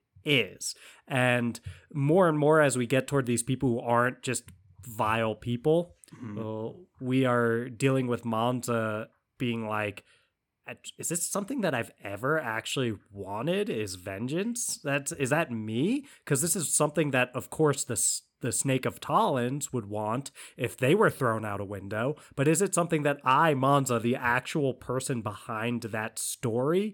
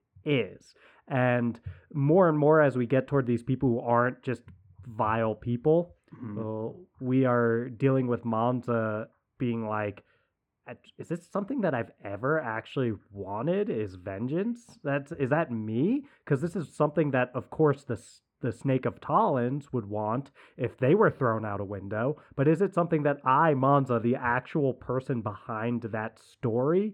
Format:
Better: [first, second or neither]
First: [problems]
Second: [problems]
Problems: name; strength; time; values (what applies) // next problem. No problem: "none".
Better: first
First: none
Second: muffled; very; fading above 4 kHz